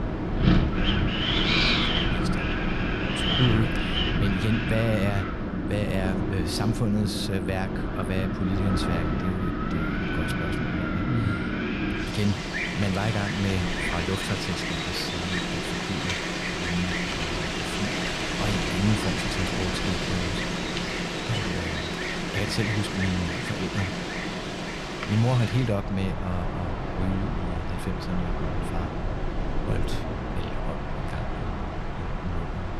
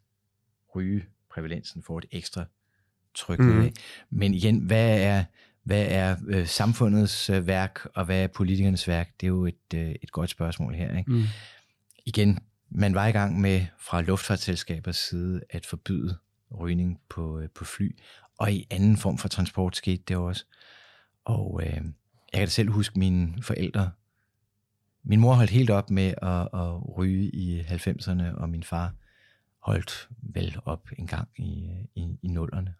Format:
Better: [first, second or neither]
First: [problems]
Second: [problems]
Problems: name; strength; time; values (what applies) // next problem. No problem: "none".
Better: second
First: wind in the background; very loud; throughout; 2 dB above the speech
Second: none